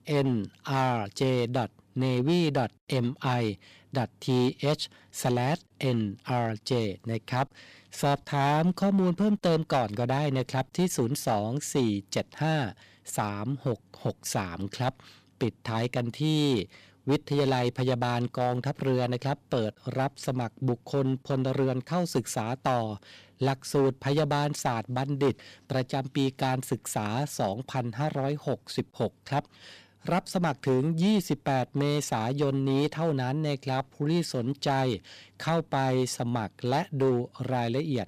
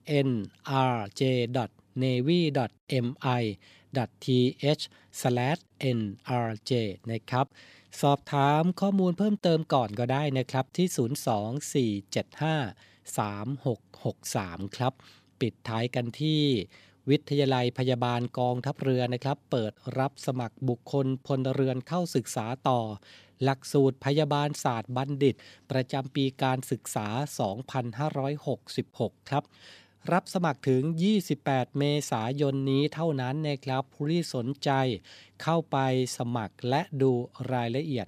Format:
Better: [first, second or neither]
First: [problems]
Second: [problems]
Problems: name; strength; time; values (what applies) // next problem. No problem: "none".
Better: second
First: distortion; slight; 5% of the sound clipped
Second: none